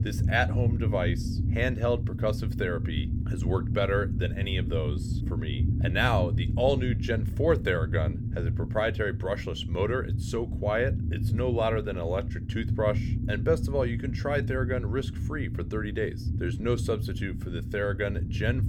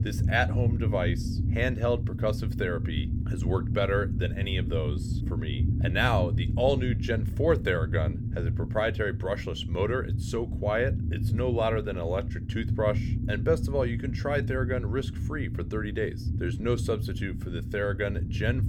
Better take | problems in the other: neither | low rumble; noticeable; throughout; 10 dB below the speech; the same in both

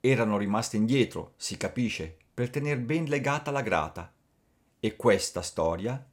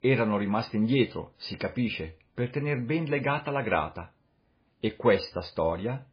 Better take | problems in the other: first | garbled, watery; badly; nothing above 5 kHz

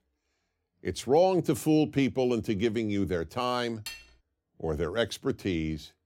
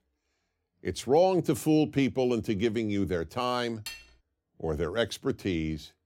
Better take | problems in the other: neither | clattering dishes; faint; at 4 s; peak 15 dB below the speech; the same in both

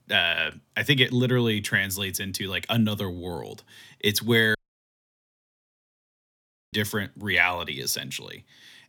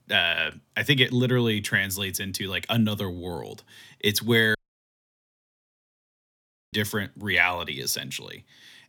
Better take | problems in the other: neither | audio cutting out; at 4.5 s for 2 s; the same in both

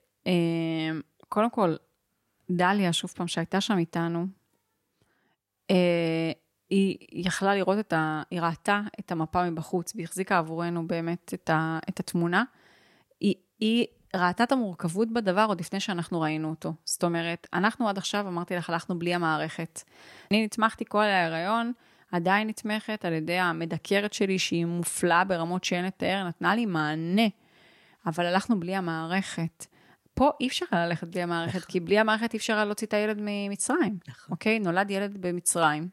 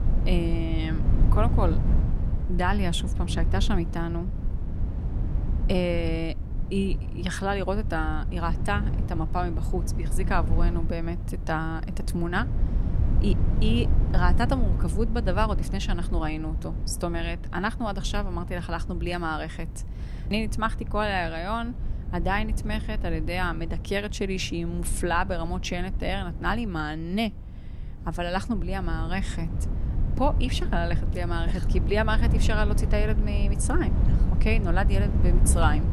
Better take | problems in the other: first | wind noise on the microphone; occasional gusts; 10 dB below the speech

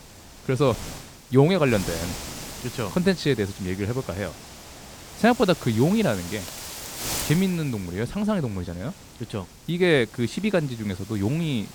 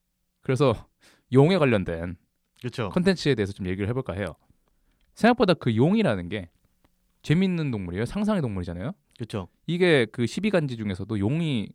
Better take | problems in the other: second | wind noise on the microphone; occasional gusts; 10 dB below the speech

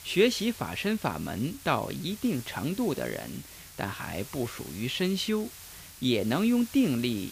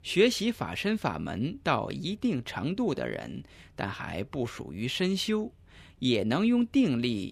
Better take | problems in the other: second | hiss; noticeable; throughout; 15 dB below the speech

